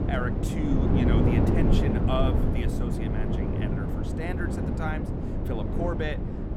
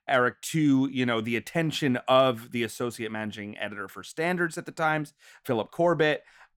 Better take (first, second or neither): second